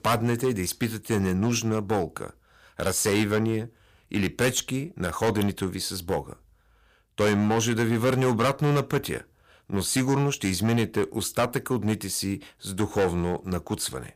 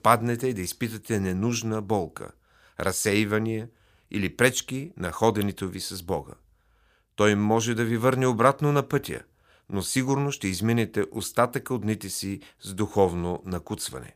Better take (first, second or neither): second